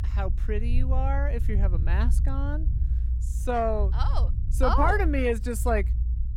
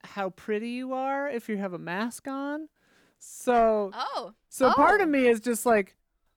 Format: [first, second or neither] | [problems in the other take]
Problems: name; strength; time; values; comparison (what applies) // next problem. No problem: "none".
second | low rumble; noticeable; throughout; 15 dB below the speech